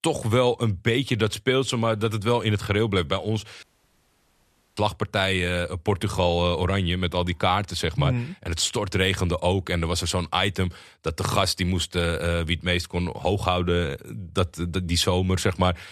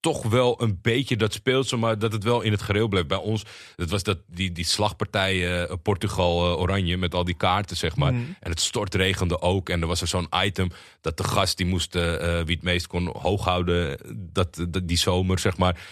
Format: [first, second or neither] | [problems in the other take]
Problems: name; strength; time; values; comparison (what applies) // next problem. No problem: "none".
second | audio cutting out; at 3.5 s for 1 s